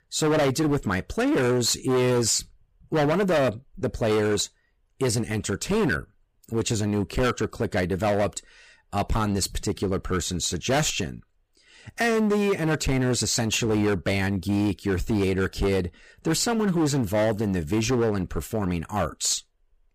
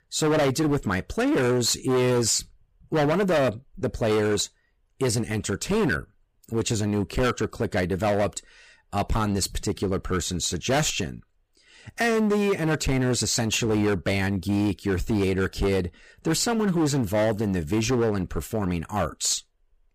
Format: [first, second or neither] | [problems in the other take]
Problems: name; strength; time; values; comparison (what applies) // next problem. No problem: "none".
neither | distortion; heavy; 14% of the sound clipped; the same in both